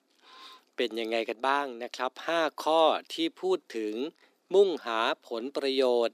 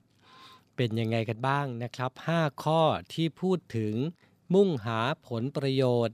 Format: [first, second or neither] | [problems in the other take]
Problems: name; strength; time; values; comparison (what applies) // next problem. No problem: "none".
second | thin; somewhat; fading below 300 Hz